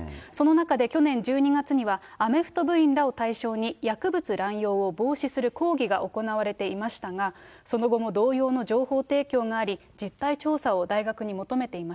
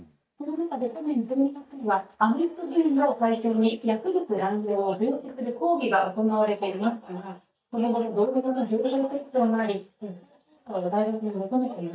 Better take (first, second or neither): first